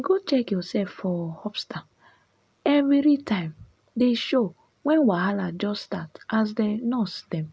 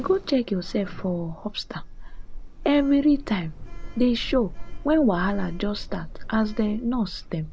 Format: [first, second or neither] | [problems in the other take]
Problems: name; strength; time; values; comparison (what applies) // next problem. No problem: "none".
first | background sound (Sliding door); 9 dB below the speech